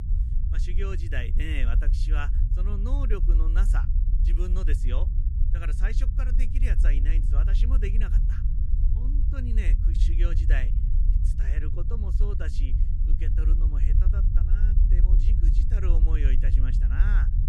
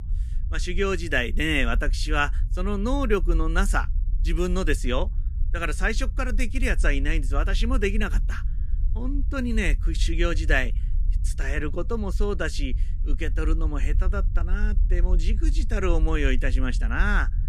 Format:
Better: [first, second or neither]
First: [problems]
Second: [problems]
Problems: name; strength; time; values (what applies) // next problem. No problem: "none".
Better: second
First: low rumble; loud; throughout; 5 dB below the speech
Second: low rumble; faint; throughout; 20 dB below the speech